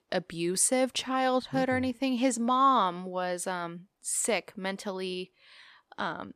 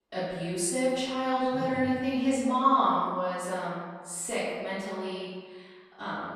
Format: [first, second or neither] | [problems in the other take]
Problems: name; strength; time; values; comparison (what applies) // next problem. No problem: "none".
first | off-mic speech; far // room echo; strong; dies away in 1.5 s